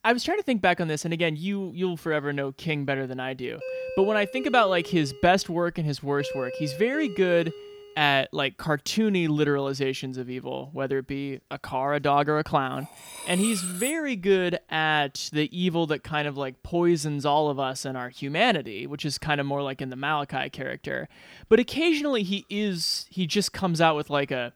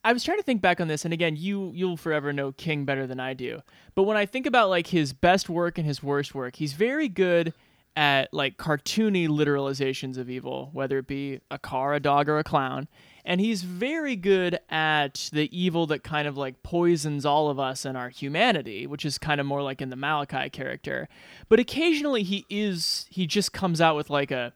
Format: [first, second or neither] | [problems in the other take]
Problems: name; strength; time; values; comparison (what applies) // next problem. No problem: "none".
second | doorbell; noticeable; from 3.5 to 8 s; peak 7 dB below the speech // clattering dishes; noticeable; from 13 to 14 s; peak 4 dB below the speech